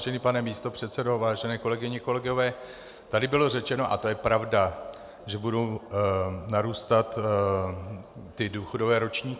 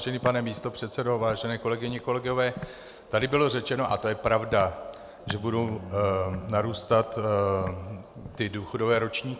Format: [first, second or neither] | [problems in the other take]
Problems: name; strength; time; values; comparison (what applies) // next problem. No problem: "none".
first | background sound (Walk, footsteps + Bowed string instrument); 16 dB below the speech